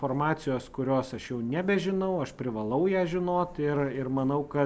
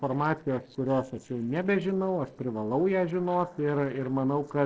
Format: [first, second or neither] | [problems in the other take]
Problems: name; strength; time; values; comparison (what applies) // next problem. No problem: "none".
first | noise reduction (neural separator model SepFormer DNS4)